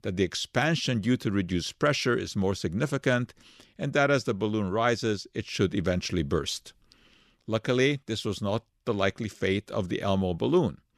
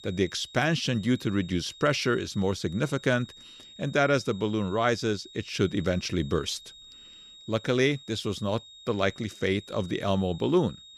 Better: first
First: none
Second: high-pitched whine; noticeable; throughout; 4 kHz, 20 dB below the speech

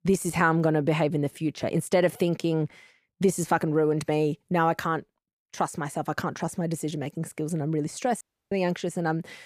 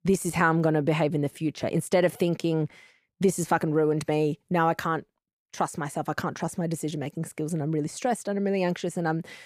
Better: second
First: audio cutting out; at 8 s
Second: none

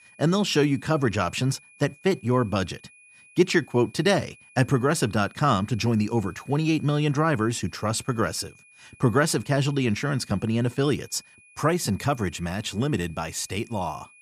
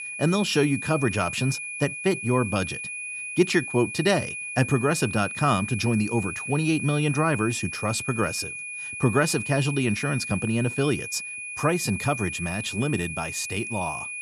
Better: first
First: high-pitched whine; faint; throughout; 2.5 kHz, 25 dB below the speech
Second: high-pitched whine; loud; throughout; 2.5 kHz, 6 dB below the speech

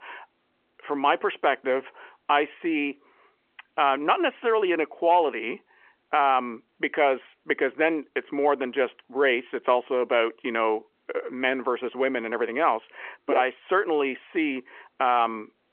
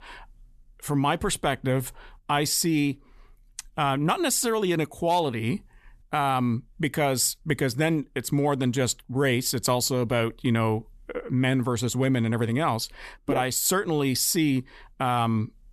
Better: second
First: phone-call audio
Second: none

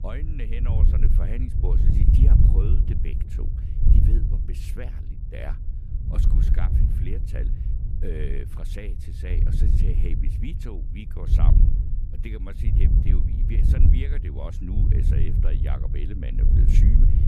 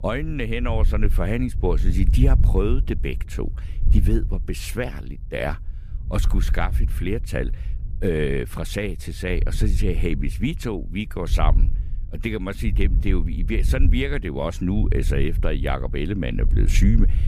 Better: second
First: wind noise on the microphone; heavy; 1 dB above the speech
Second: wind noise on the microphone; occasional gusts; 15 dB below the speech

